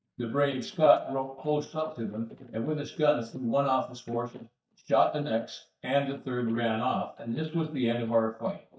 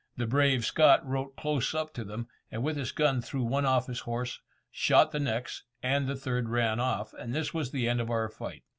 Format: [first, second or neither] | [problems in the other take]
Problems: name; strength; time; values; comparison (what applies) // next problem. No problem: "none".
second | noise reduction (neural mask model DeepFilterNet 3)